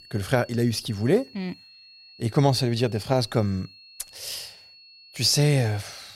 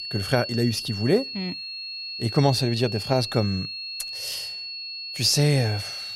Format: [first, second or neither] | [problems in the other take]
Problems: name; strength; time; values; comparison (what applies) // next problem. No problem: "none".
first | high-pitched whine; loud; throughout; 4.5 kHz, 7 dB below the speech; faint in the first